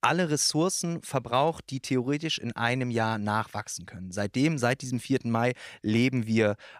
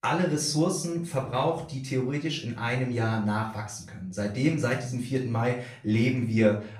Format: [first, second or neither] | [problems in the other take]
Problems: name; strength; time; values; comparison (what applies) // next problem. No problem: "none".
first | off-mic speech; far // room echo; slight; dies away in 0.4 s